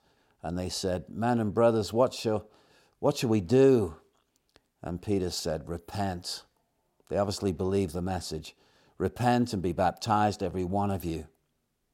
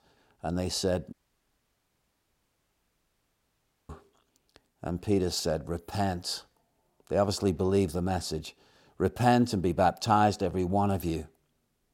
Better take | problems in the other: first | audio cutting out; at 1 s for 3 s

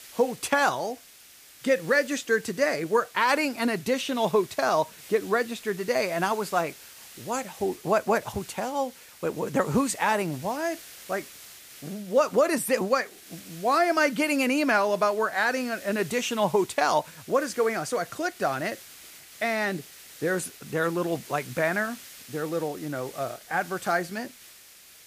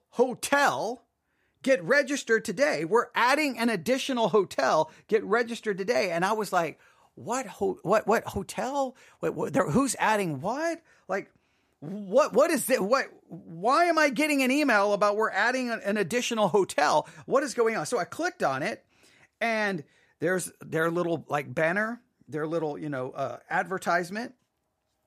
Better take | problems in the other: second | hiss; noticeable; throughout; 20 dB below the speech

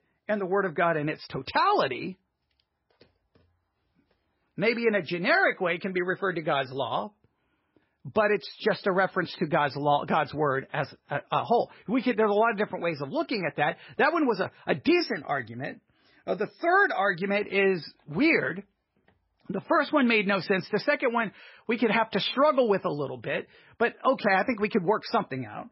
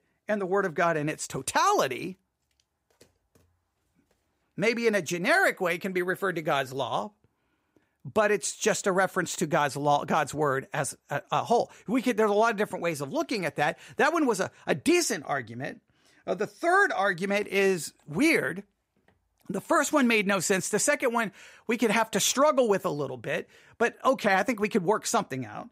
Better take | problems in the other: second | garbled, watery; badly; nothing above 5.5 kHz

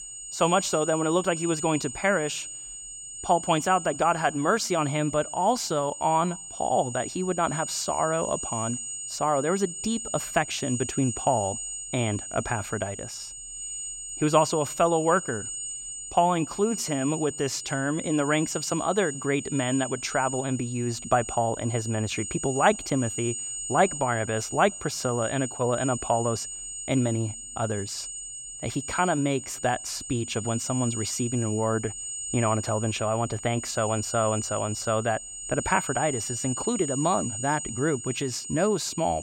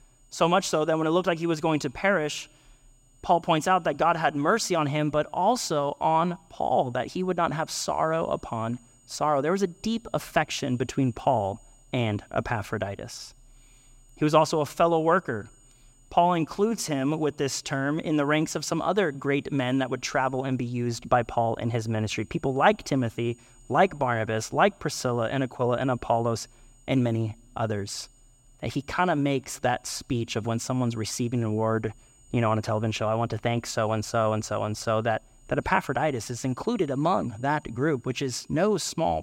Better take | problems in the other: second | high-pitched whine; loud; throughout; 7 kHz, 7 dB below the speech; faint in the second

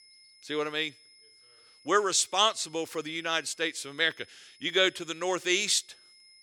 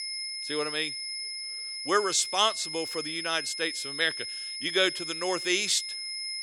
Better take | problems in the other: first | high-pitched whine; loud; throughout; 5 kHz, 5 dB below the speech; faint in the first

